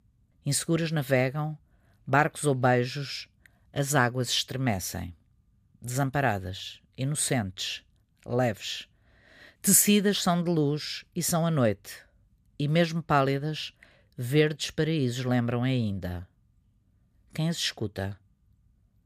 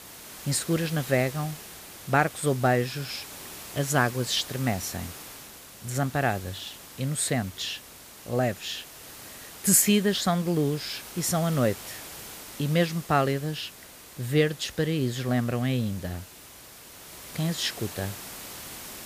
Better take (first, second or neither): first